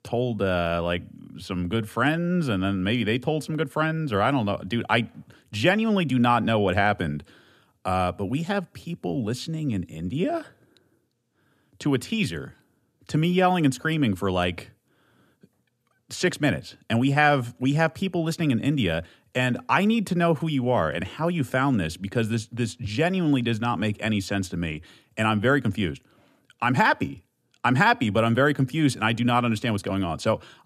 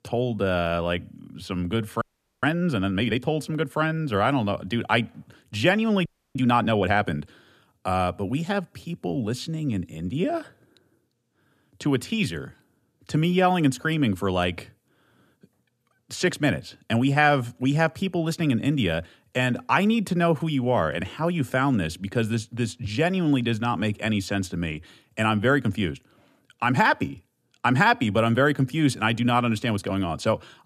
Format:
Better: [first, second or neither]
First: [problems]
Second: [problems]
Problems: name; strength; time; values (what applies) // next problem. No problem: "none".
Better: first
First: none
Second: audio freezing; at 2 s and at 6 s